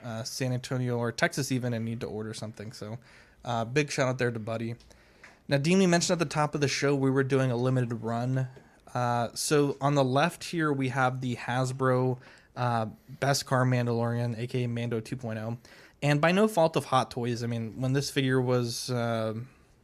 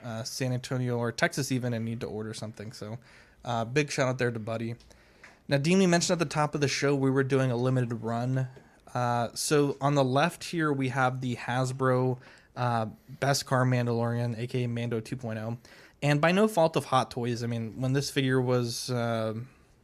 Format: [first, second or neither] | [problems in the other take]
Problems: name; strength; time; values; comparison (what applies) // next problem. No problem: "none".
neither | none